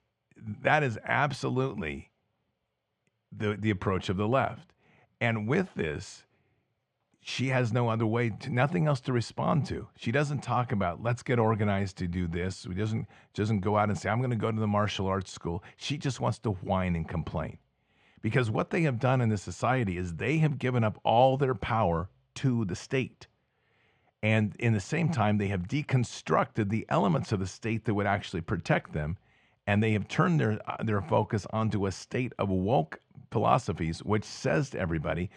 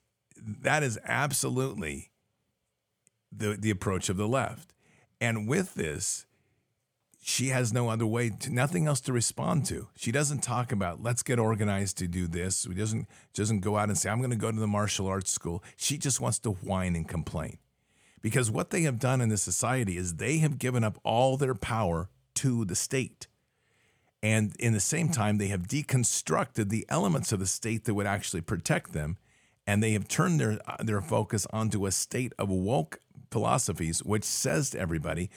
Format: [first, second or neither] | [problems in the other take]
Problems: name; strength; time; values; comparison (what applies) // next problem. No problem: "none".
second | muffled; very; fading above 4 kHz